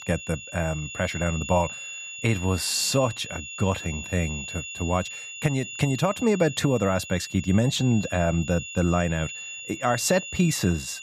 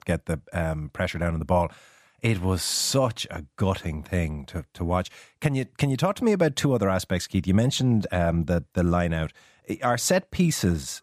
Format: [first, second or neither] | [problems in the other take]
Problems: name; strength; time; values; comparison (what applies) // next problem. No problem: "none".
second | high-pitched whine; loud; throughout; 2.5 kHz, 10 dB below the speech